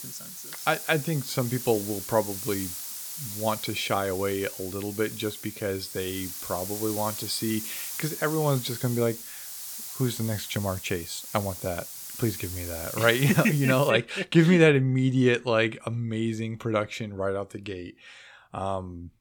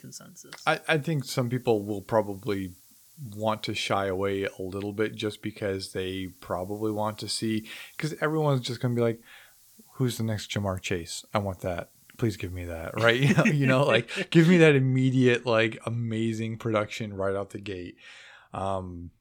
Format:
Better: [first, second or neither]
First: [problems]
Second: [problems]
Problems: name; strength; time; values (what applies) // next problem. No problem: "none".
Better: second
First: hiss; loud; until 14 s; 8 dB below the speech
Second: hiss; faint; until 14 s; 30 dB below the speech